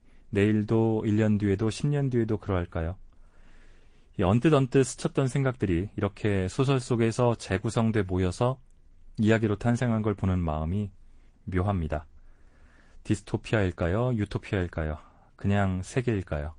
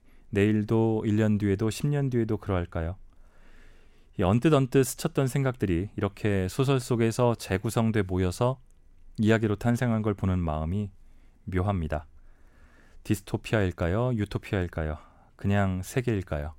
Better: second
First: garbled, watery; slightly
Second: none

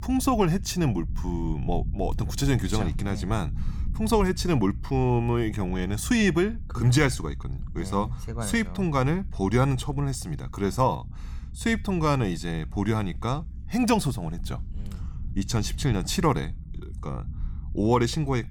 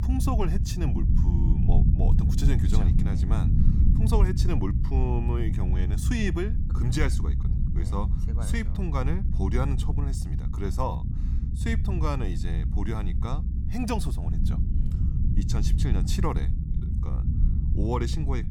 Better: first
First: low rumble; faint; throughout; 25 dB below the speech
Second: low rumble; loud; throughout; 6 dB below the speech

